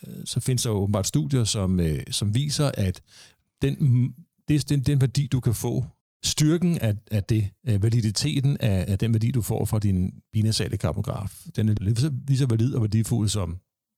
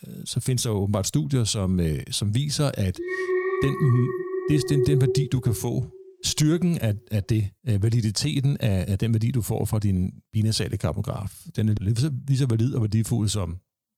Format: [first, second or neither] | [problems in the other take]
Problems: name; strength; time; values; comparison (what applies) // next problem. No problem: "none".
first | alarm; noticeable; from 3 to 5.5 s; peak level with the speech